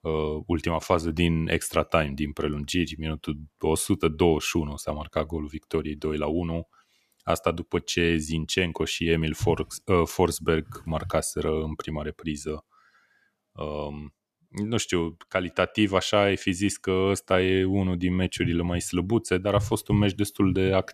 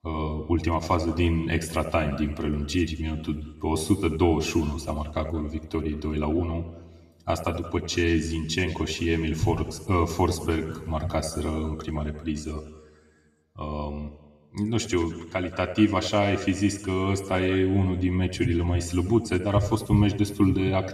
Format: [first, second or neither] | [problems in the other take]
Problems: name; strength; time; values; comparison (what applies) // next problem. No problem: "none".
first | room echo; slight; dies away in 1.1 s // off-mic speech; somewhat distant